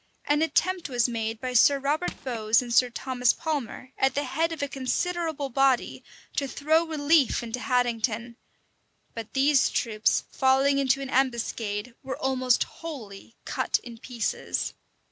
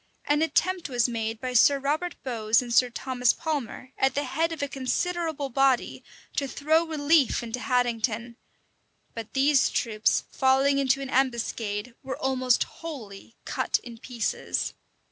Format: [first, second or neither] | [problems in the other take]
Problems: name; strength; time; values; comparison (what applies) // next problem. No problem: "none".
second | background sound (Crushing); 14 dB below the speech